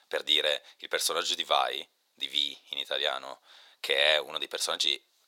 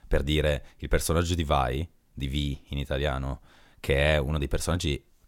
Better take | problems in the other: second | thin; very; fading below 550 Hz

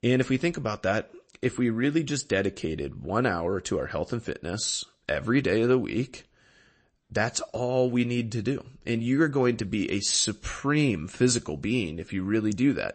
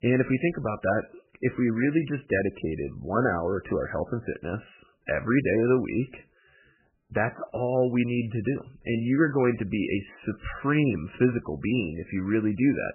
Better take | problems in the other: first | garbled, watery; badly; nothing above 3 kHz; slightly in the first

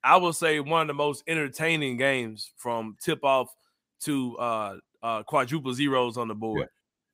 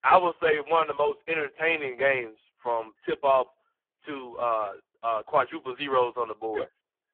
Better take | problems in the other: first | phone-call audio; poor line

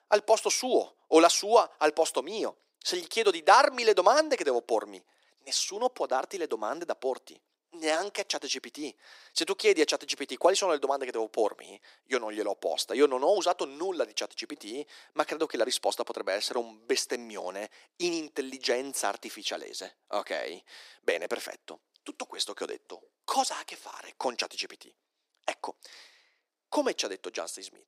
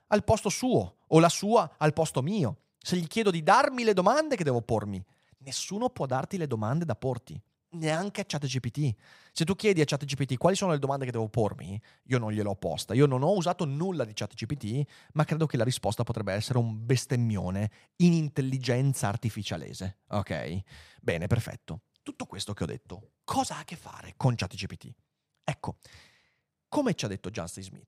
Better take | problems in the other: second | thin; very; fading below 300 Hz

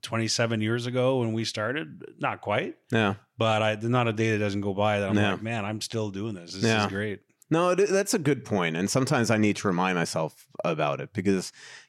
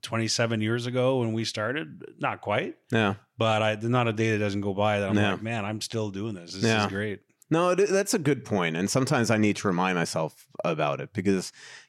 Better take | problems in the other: neither | none

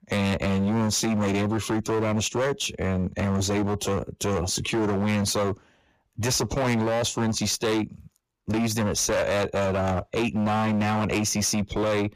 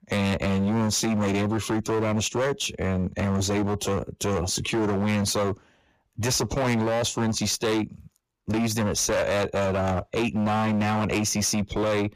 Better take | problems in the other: neither | distortion; heavy; 28% of the sound clipped; the same in both

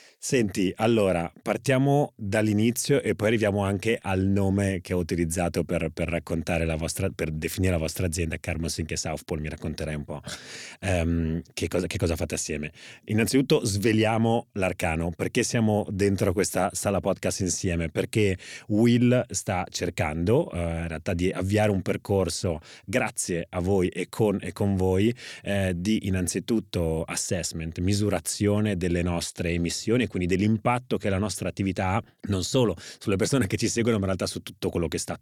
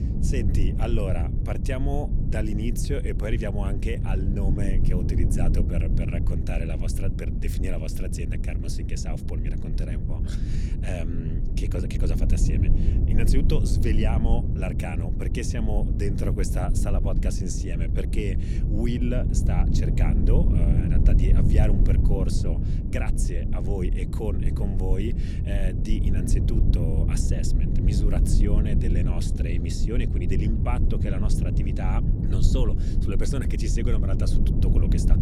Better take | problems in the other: first | low rumble; loud; throughout; 2 dB below the speech

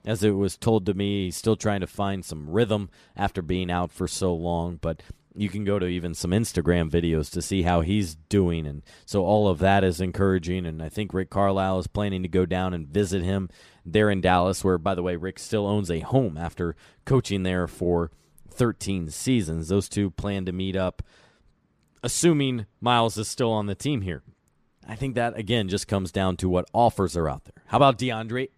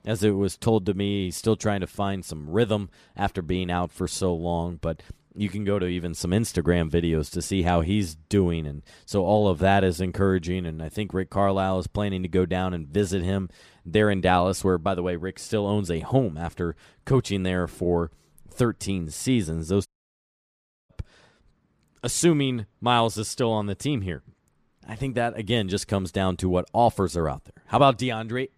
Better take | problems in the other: first | audio cutting out; at 20 s for 1 s

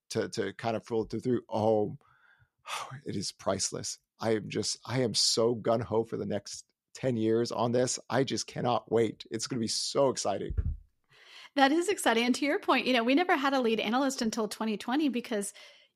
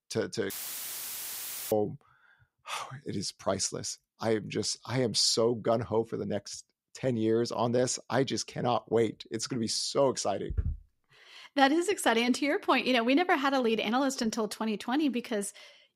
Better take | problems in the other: first | audio cutting out; filled with static; at 0.5 s for 1 s

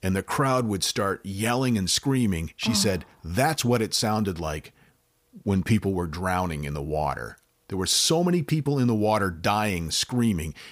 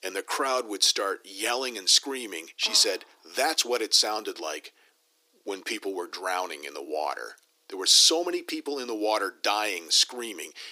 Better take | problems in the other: first | thin; very; fading below 300 Hz

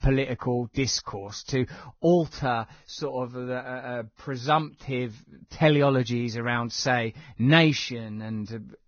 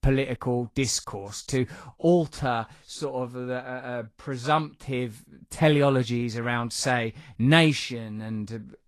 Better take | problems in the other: second | garbled, watery; badly; nothing above 6.5 kHz; slightly in the second

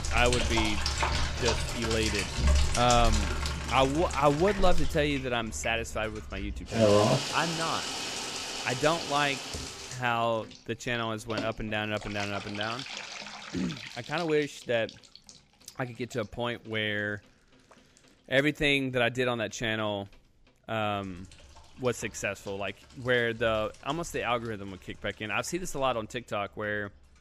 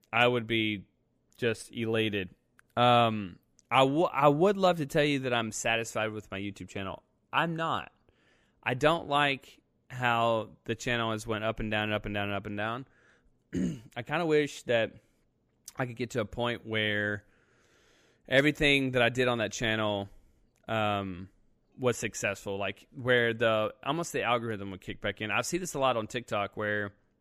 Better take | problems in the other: second | household noises; loud; throughout; 1 dB below the speech

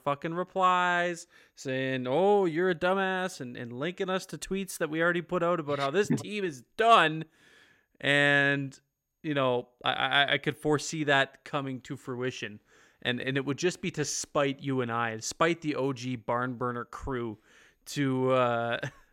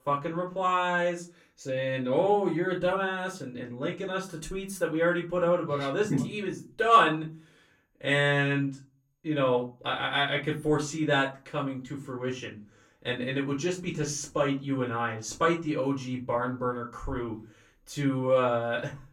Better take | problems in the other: first | off-mic speech; far // room echo; very slight; dies away in 0.3 s

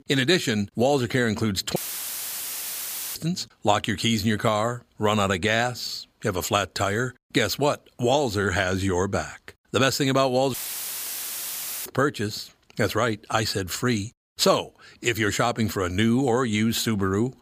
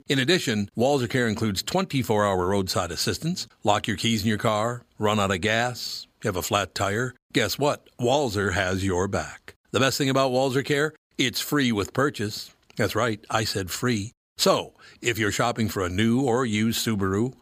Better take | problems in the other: second | audio cutting out; filled with static; at 2 s for 1.5 s and at 11 s for 1.5 s

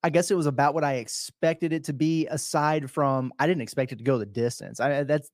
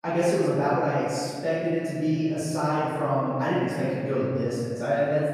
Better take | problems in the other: first | off-mic speech; far // room echo; strong; dies away in 1.9 s

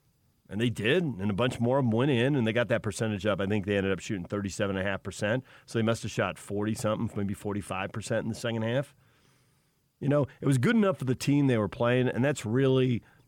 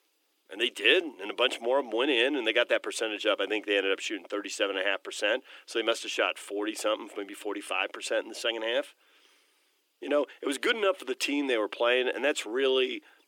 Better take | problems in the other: first | thin; somewhat; fading below 300 Hz

